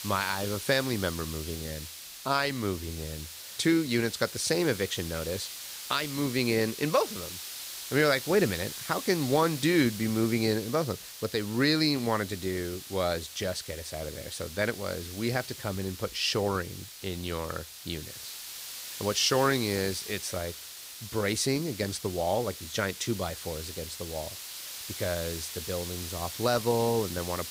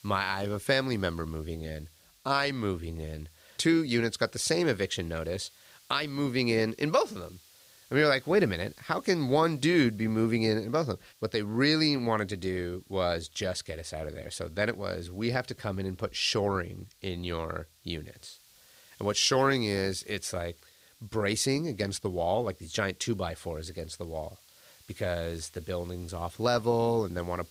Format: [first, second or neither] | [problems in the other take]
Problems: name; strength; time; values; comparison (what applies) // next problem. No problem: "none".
second | hiss; loud; throughout; 9 dB below the speech; faint in the second